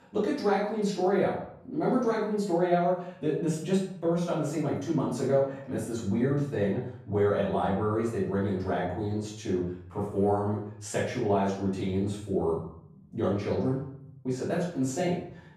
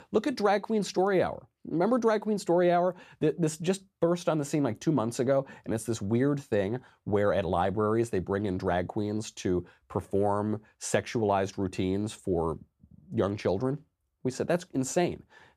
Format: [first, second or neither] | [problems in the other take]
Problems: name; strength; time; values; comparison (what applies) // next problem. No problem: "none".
second | off-mic speech; far // room echo; noticeable; dies away in 0.6 s